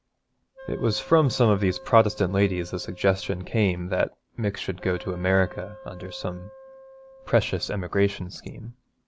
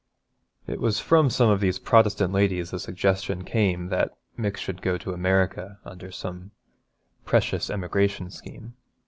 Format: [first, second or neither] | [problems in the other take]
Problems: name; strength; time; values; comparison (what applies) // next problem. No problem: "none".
second | background sound (Wind instrument, woodwind instrument); 19 dB below the speech